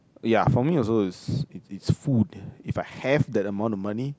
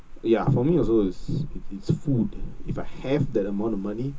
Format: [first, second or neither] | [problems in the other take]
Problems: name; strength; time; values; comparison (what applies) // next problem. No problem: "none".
first | background sound (Rain); 7 dB below the speech // room echo; dies away in 0.2 s